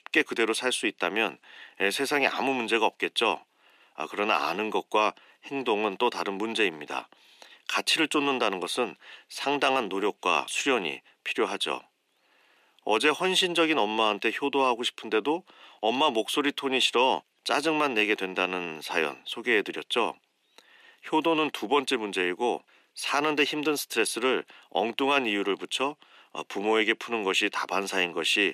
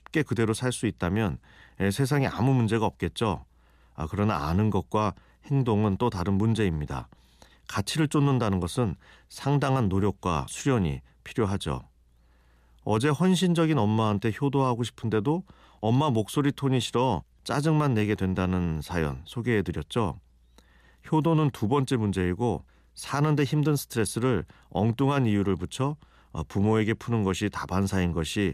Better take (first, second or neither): second